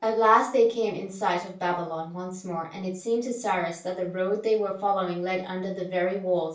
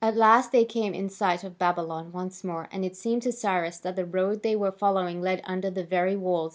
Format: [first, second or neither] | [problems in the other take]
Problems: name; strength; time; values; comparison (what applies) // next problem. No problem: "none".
second | room echo; dies away in 0.3 s